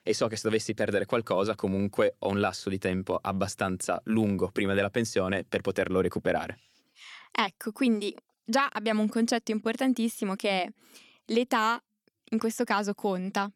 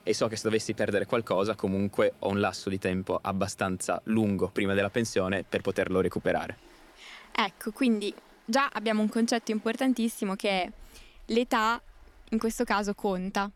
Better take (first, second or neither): first